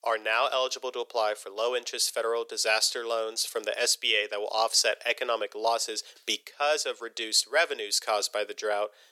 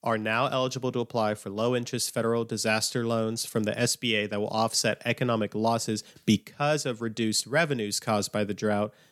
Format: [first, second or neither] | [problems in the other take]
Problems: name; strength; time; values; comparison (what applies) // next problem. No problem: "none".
second | thin; very; fading below 450 Hz